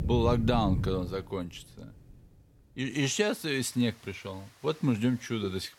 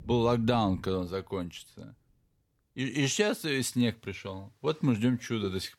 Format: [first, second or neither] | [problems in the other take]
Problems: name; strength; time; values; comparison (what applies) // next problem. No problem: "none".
second | rain or running water; loud; throughout; 4 dB below the speech; faint in the second